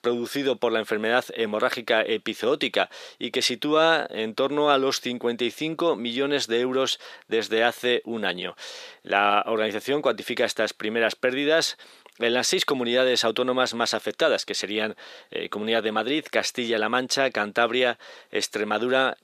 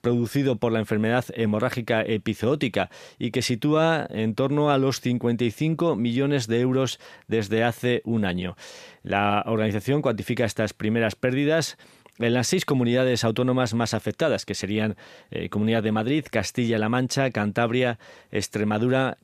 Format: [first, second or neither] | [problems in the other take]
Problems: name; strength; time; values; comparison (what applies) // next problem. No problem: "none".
second | thin; somewhat; fading below 400 Hz